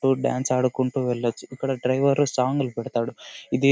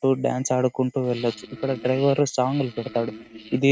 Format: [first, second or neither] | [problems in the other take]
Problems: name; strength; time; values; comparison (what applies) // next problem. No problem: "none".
first | noise reduction (neural mask model RNNoise)